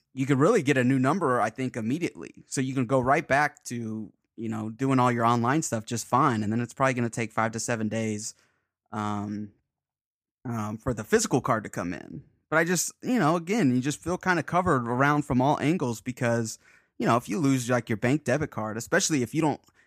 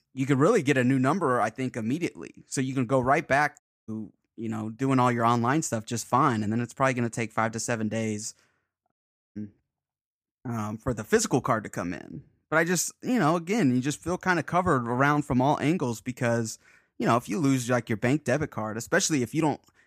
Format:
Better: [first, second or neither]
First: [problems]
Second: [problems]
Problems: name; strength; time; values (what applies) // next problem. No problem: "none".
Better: first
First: none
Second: audio cutting out; at 3.5 s and at 9 s